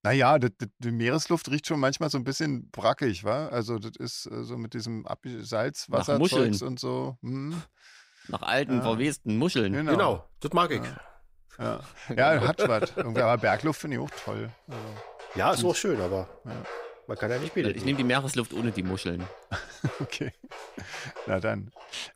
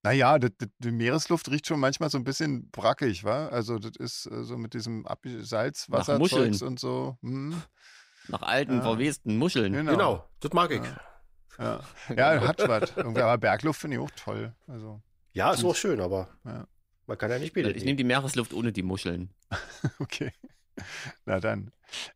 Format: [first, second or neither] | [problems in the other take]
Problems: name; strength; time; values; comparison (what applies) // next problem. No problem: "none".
second | footsteps; faint; from 13 s on; peak 10 dB below the speech